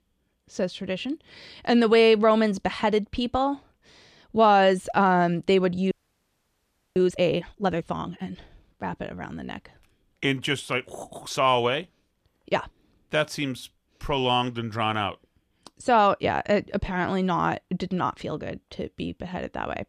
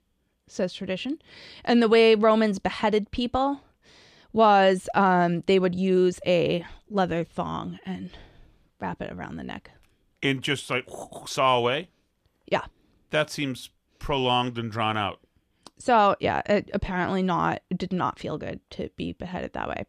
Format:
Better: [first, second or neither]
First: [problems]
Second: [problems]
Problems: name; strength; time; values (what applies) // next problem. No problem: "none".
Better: second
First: audio freezing; at 6 s for 1 s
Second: none